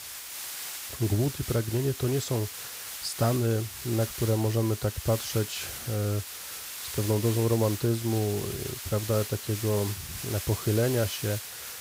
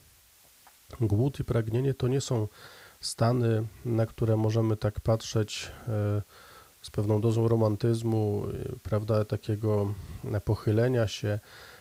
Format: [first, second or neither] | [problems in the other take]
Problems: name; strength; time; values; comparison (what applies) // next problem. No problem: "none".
second | hiss; loud; throughout; 7 dB below the speech; faint in the second